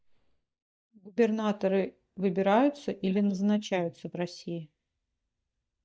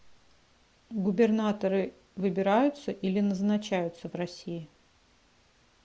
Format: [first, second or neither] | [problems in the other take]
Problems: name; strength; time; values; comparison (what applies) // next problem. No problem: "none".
second | noise reduction (neural mask model DeepFilterNet 3)